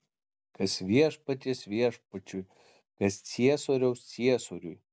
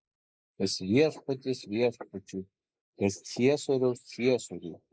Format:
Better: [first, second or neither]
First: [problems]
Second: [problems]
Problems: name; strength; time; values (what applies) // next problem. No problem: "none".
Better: first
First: none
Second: noise reduction (neural mask model Resemble Enhance denoiser)